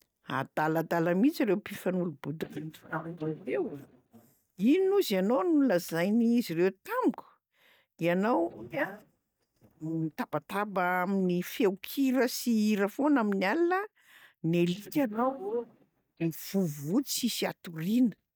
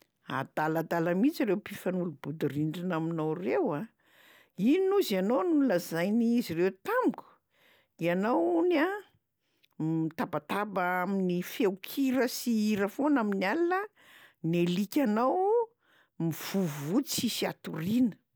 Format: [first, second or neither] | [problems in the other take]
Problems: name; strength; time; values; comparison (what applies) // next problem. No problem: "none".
second | noise reduction (neural mask model DeepFilterNet 3)